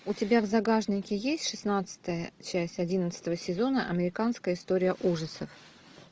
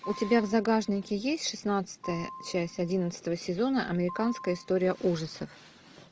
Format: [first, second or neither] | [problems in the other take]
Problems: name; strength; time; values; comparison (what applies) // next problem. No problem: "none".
first | background sound (Piano); 18 dB below the speech